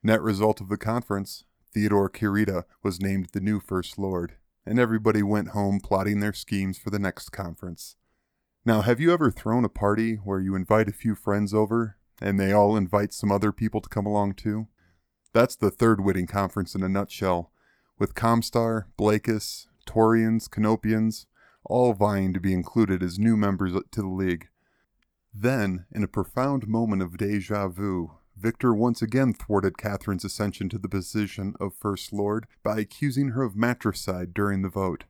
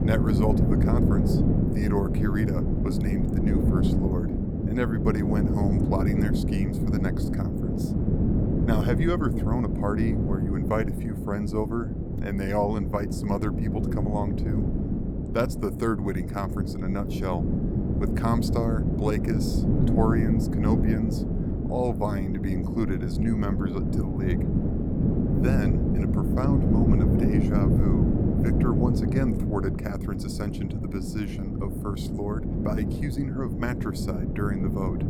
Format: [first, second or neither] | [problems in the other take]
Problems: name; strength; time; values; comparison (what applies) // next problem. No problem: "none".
first | wind noise on the microphone; heavy; as loud as the speech